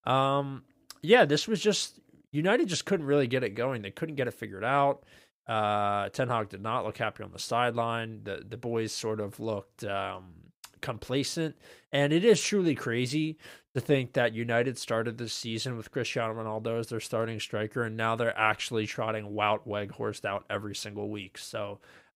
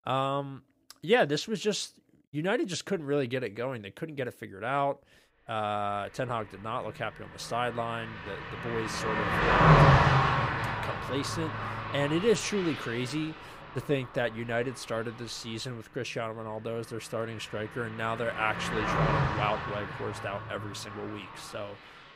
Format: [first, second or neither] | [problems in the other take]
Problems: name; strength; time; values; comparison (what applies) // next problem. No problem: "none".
first | traffic noise; very loud; from 5.5 s on; 5 dB above the speech